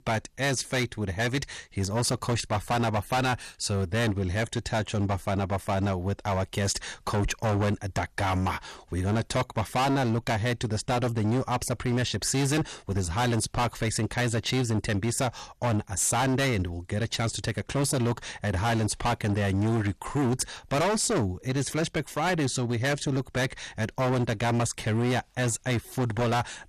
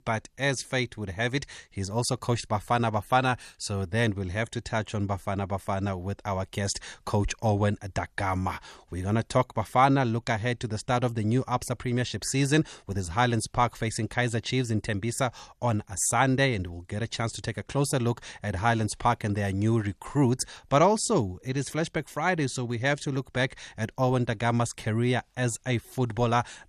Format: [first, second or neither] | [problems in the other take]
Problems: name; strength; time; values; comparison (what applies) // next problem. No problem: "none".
second | distortion; heavy; 20% of the sound clipped